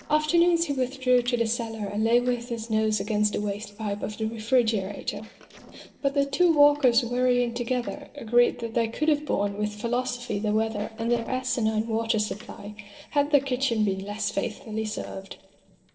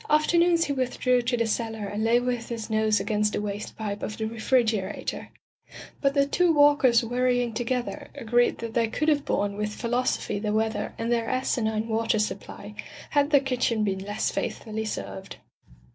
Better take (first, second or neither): second